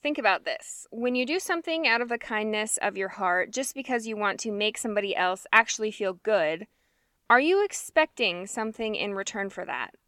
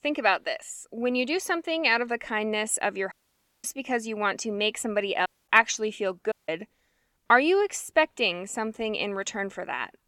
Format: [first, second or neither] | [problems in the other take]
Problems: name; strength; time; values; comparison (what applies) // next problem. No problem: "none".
first | audio cutting out; at 3 s for 0.5 s, at 5.5 s and at 6.5 s